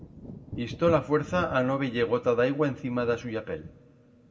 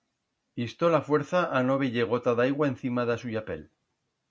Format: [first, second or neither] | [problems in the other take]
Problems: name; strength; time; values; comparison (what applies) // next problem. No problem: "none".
second | background sound (Thunder / Wind); 15 dB below the speech // room echo; dies away in 1.6 s